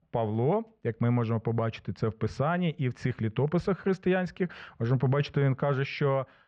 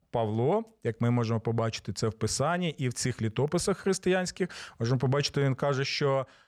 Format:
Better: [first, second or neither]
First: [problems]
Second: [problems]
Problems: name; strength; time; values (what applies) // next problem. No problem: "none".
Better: second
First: muffled; very; fading above 3 kHz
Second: none